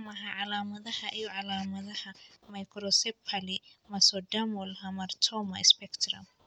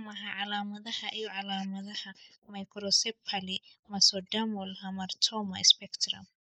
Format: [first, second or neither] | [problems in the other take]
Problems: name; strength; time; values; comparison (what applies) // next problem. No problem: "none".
first | noise reduction (neural mask model Resemble Enhance denoiser)